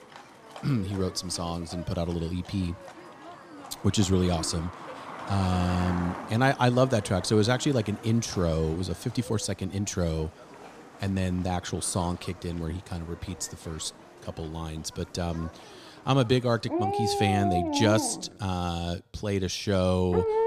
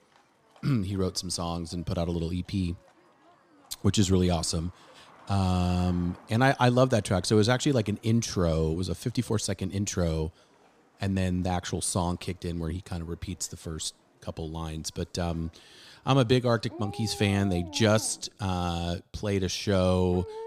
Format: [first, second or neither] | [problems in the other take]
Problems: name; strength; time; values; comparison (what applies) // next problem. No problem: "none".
second | animal sounds; loud; throughout; 8 dB below the speech; faint in the second